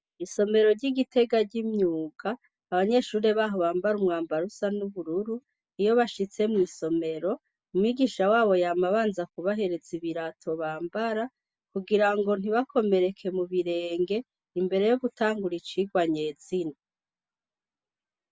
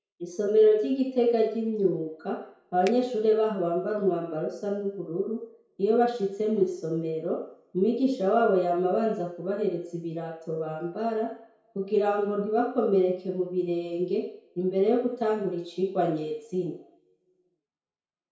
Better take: first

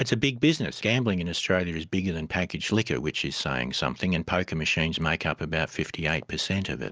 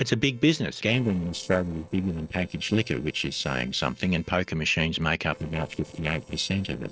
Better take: first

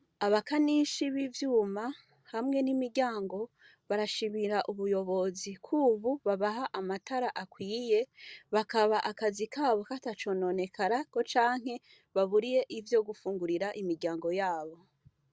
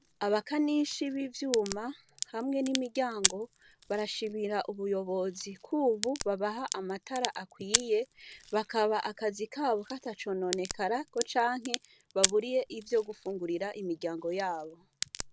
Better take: first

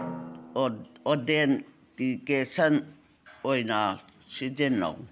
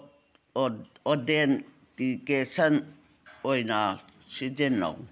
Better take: second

